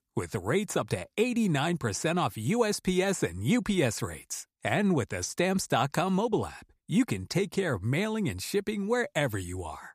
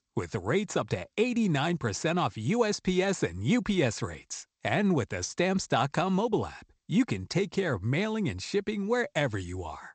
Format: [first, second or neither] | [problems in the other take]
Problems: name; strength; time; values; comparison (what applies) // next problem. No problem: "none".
first | garbled, watery; slightly; nothing above 8 kHz